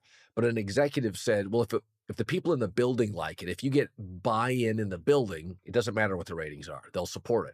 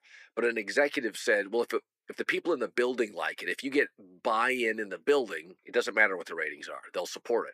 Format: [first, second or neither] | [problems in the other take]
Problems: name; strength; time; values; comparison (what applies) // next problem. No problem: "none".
first | thin; somewhat; fading below 300 Hz